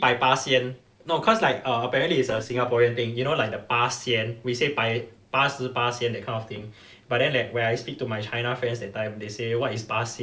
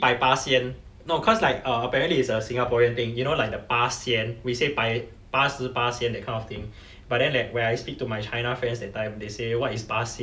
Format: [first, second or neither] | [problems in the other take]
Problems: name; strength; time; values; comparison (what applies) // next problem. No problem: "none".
second | noise reduction (neural separator model SepFormer DNS4)